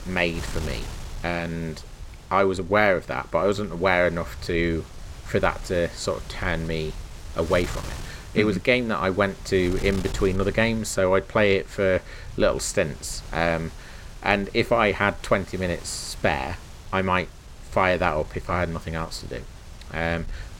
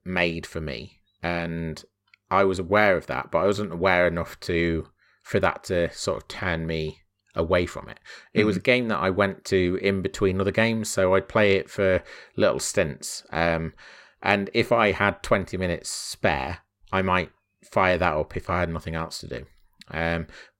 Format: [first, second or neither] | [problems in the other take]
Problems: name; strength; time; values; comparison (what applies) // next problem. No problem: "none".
second | wind noise on the microphone; occasional gusts; 20 dB below the speech